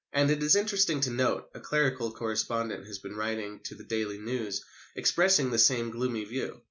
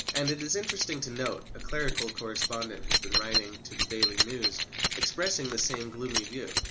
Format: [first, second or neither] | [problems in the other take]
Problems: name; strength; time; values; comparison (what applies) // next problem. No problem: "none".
first | background sound (Keys jangling); 3 dB above the speech